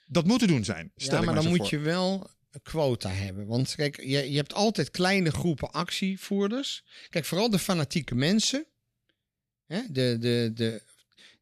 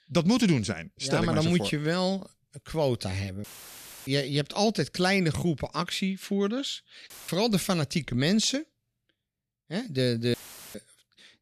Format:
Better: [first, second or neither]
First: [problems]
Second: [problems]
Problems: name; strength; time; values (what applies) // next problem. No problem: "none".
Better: first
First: none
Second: audio cutting out; filled with static; at 3.5 s for 0.5 s, at 7 s and at 10 s